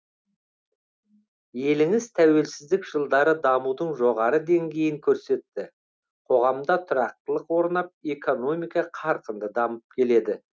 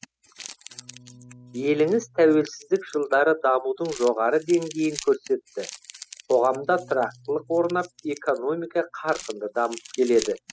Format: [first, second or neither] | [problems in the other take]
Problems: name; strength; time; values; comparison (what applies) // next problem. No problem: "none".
first | noise reduction (classical method spectral subtraction)